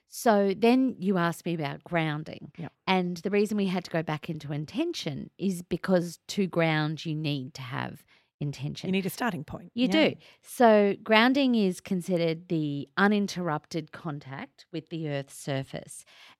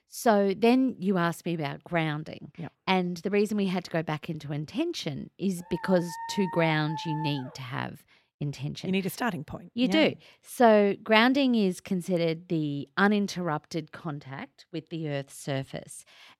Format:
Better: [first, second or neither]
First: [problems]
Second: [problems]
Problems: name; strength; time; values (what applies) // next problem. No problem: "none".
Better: first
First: none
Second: dog barking; noticeable; from 5.5 to 7.5 s; peak 9 dB below the speech